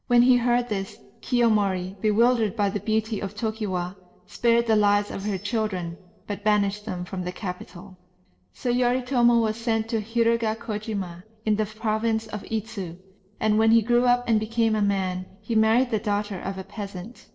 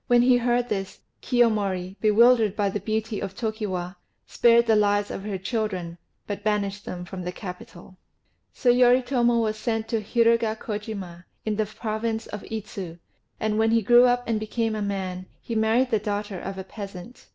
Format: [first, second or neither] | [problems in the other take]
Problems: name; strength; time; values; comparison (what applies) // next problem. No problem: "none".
second | noise reduction (neural separator model SepFormer DNS4)